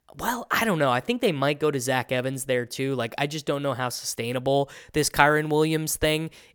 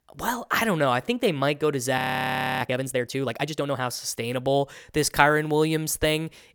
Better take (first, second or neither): first